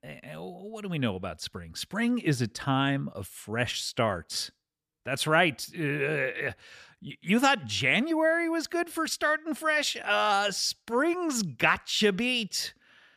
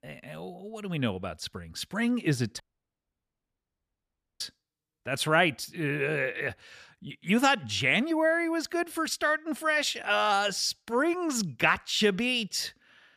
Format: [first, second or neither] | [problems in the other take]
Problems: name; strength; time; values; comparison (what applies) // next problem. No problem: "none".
first | audio cutting out; at 2.5 s for 2 s